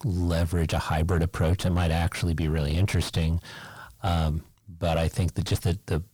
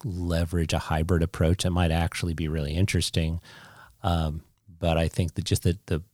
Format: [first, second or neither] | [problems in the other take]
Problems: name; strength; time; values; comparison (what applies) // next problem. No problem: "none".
second | distortion; heavy; 6 dB below the speech